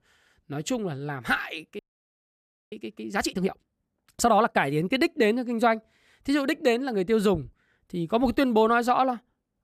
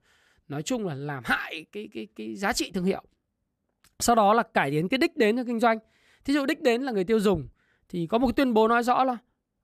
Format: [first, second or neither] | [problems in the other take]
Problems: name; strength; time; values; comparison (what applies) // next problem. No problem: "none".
second | audio freezing; at 2 s for 1 s